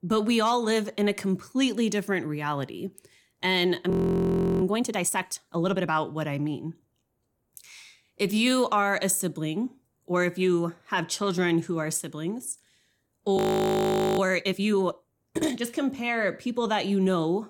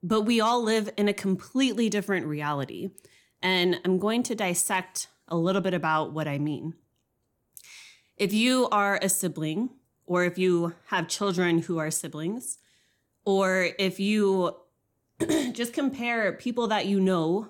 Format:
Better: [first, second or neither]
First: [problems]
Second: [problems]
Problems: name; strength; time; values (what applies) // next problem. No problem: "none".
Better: second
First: audio freezing; at 4 s for 0.5 s and at 13 s for 1 s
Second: none